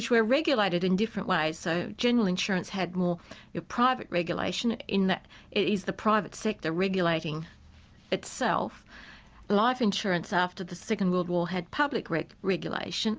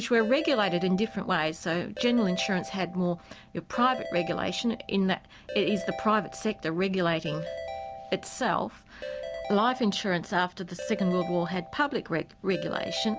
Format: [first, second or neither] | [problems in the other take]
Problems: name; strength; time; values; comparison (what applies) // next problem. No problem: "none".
first | background sound (Ringtone / Keyboard (musical)); 11 dB below the speech